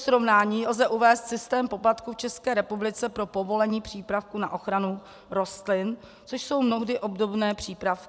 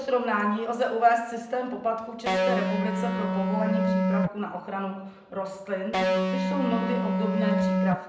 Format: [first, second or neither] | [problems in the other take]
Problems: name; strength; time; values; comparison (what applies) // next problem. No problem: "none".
first | background sound (Electric guitar); 4 dB above the speech // room echo; dies away in 0.7 s